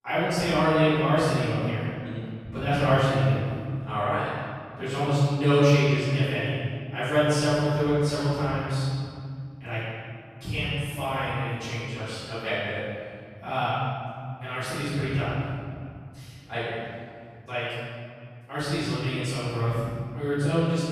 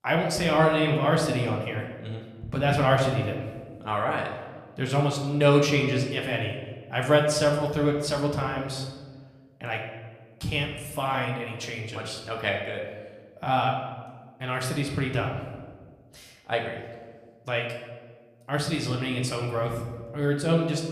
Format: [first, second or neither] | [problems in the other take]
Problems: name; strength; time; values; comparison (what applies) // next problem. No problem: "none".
second | room echo; strong; dies away in 2.4 s; slight in the second // off-mic speech; far; somewhat distant in the second